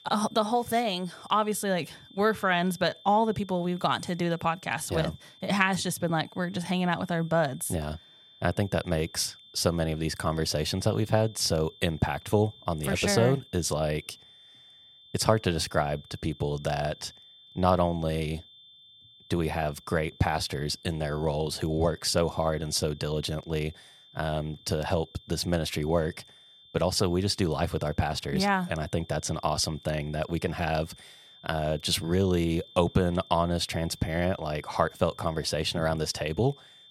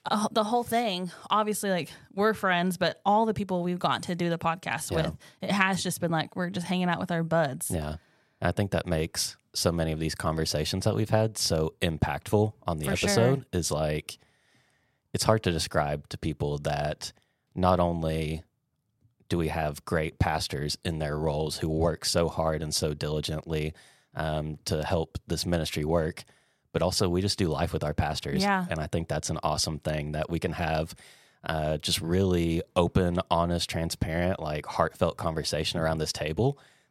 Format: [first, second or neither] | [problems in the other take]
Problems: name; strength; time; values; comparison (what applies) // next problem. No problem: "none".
second | high-pitched whine; faint; throughout; 3.5 kHz, 25 dB below the speech